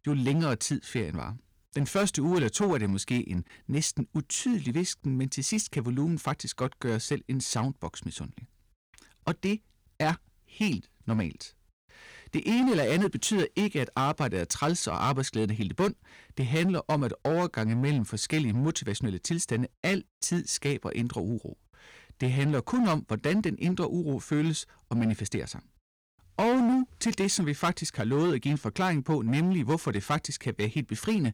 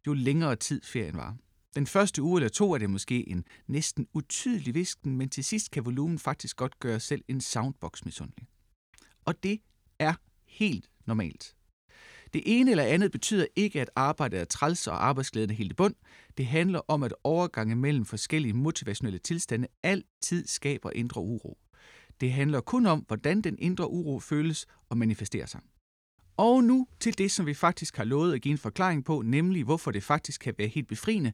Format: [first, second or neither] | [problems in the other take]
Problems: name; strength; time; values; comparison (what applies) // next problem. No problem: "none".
second | distortion; slight; 8% of the sound clipped